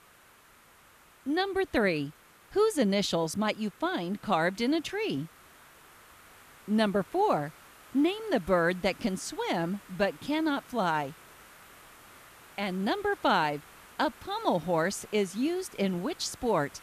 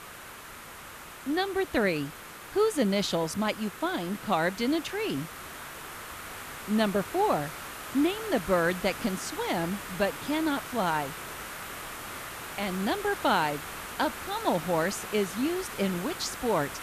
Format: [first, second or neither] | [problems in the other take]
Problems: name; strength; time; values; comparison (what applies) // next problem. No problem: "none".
first | hiss; loud; throughout; 10 dB below the speech; faint in the first